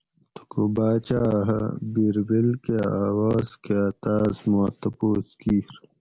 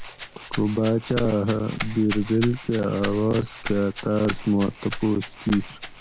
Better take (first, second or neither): first